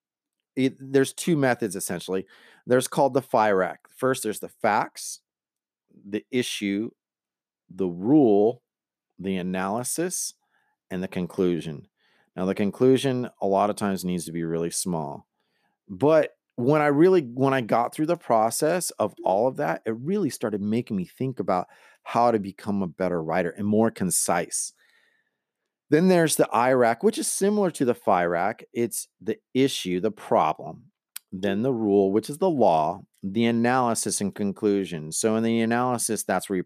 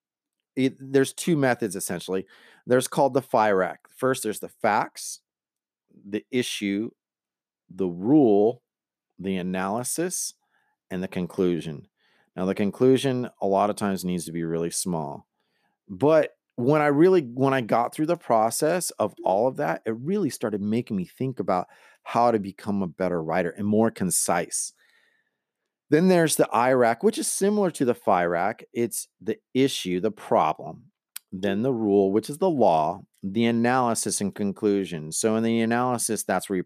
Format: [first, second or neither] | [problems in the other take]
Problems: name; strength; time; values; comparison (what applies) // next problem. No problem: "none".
neither | none